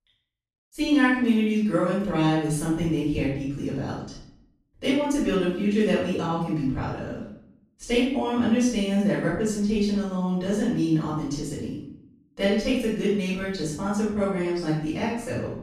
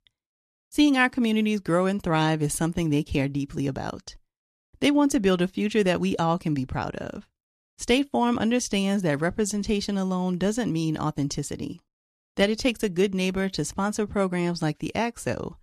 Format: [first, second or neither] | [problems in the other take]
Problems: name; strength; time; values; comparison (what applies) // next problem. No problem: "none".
second | off-mic speech; far // room echo; noticeable; dies away in 0.6 s